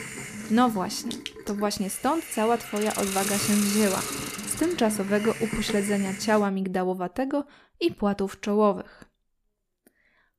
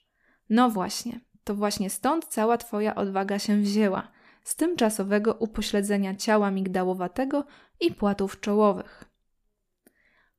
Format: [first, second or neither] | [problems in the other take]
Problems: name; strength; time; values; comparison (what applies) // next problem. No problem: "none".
second | hiss; loud; until 6.5 s; 6 dB below the speech